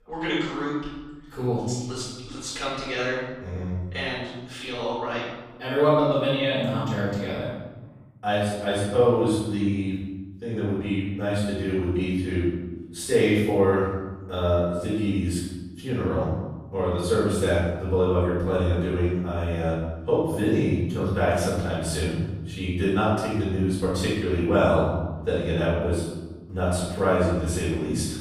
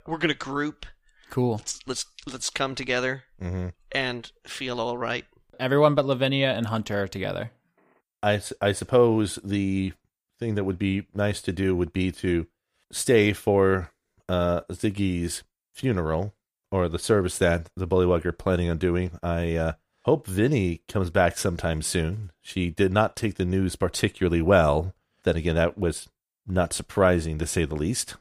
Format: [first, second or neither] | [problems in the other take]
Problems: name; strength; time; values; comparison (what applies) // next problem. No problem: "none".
second | off-mic speech; far // room echo; strong; dies away in 1.2 s